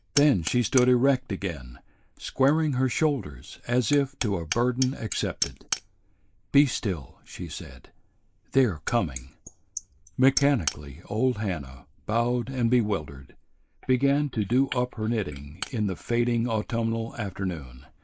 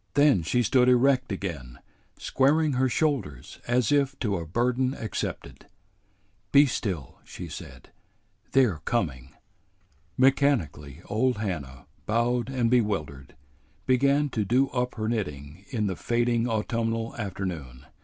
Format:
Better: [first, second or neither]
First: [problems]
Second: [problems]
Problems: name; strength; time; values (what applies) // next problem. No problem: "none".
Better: second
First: noise reduction (neural mask model Resemble Enhance denoiser)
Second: none